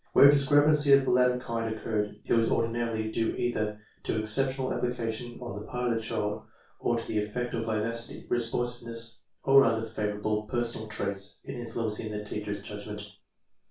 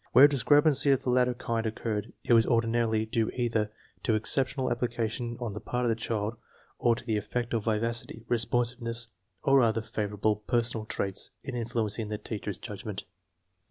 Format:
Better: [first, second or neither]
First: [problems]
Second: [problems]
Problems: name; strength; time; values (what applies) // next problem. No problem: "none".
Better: second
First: room echo; dies away in 0.3 s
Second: none